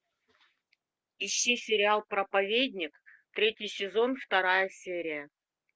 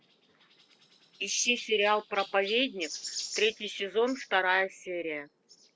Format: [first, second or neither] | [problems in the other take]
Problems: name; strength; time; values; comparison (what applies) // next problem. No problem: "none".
first | background sound (Chirp, tweet); 14 dB below the speech